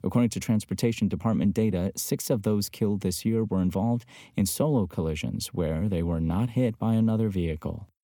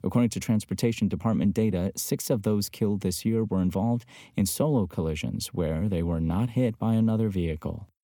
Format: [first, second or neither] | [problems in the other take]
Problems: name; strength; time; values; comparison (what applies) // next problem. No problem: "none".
neither | none